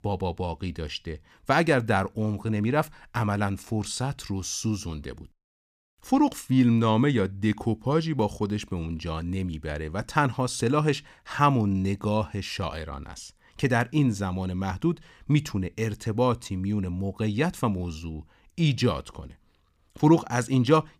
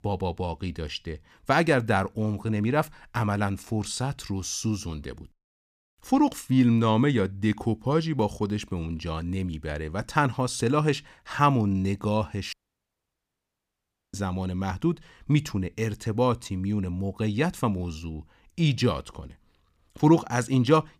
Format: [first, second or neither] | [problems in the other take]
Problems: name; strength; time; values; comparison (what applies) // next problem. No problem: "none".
first | audio cutting out; at 13 s for 1.5 s